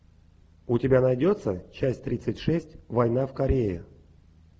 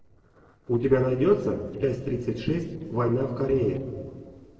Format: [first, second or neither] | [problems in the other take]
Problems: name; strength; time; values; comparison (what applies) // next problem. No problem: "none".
first | noise reduction (neural separator model SepFormer DNS4)